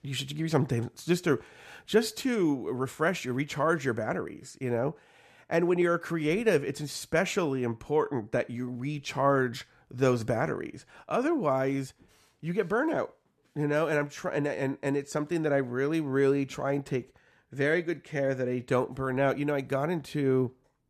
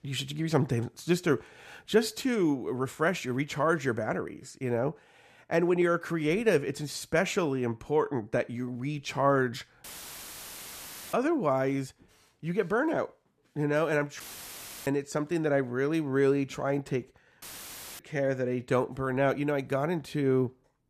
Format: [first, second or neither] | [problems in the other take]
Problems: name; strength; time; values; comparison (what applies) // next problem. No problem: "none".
first | audio cutting out; filled with static; at 10 s for 1.5 s, at 14 s for 0.5 s and at 17 s for 0.5 s